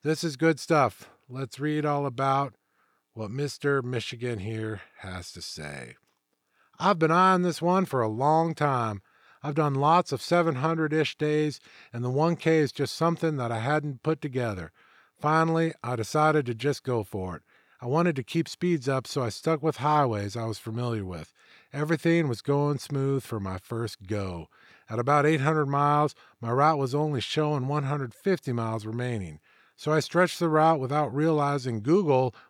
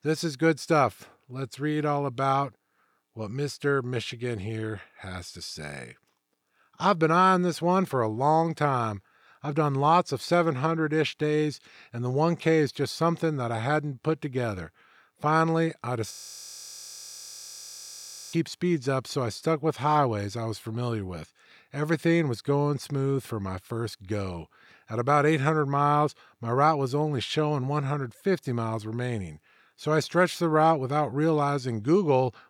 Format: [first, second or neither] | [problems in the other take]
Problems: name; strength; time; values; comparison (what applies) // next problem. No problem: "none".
first | audio freezing; at 16 s for 2 s